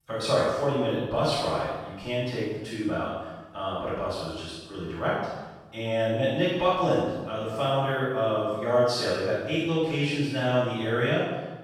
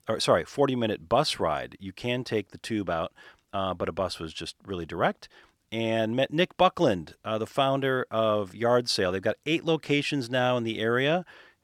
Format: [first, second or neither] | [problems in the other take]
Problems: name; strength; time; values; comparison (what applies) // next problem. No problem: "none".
second | off-mic speech; far // room echo; strong; dies away in 1 s